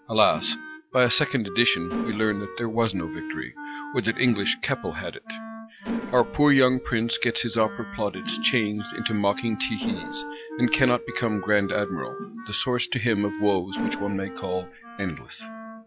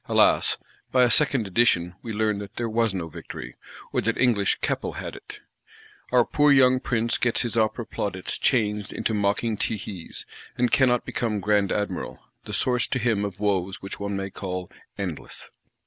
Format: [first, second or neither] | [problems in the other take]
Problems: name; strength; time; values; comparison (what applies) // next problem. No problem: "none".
second | noise reduction (classical method log-MMSE)